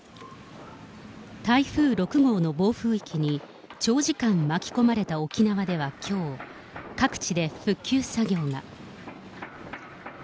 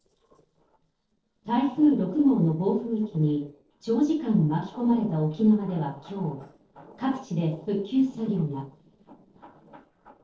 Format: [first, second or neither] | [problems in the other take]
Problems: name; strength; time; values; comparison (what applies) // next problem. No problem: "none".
first | noise reduction (neural separator model SepFormer DNS4)